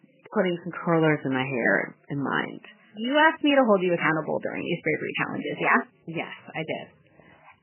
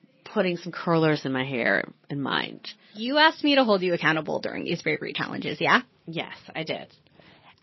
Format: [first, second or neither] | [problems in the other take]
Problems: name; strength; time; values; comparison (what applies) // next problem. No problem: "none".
second | garbled, watery; badly; nothing above 3 kHz; slightly in the second